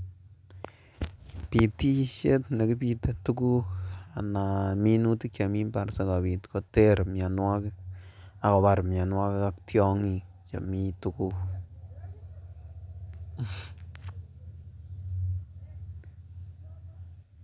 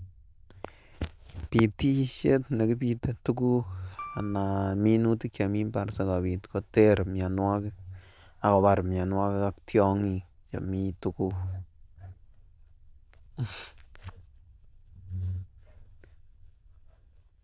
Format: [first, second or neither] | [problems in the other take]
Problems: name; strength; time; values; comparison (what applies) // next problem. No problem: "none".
first | noise reduction (neural diffusion model UNIVERSE++)